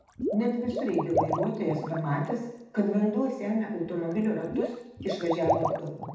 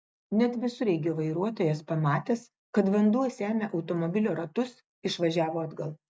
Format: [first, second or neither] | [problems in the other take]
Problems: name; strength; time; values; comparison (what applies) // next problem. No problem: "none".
second | background sound (Water / Liquid); 4 dB below the speech // room echo; dies away in 0.8 s